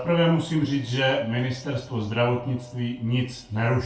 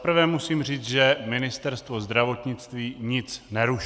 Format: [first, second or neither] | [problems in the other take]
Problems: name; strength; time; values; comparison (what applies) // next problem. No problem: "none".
second | room echo; dies away in 0.3 s